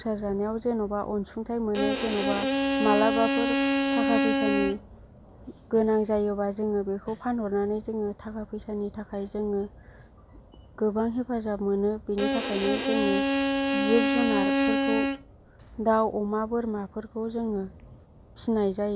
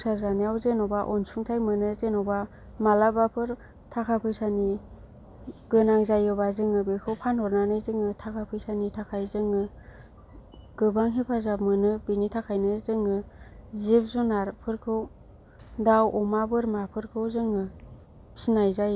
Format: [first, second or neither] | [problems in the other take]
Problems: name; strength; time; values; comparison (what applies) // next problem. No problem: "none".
second | background sound (Bowed string instrument); 2 dB above the speech